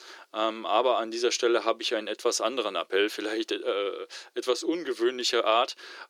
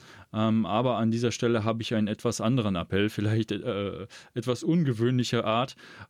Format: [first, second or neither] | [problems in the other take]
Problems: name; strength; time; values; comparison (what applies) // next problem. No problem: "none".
second | thin; very; fading below 350 Hz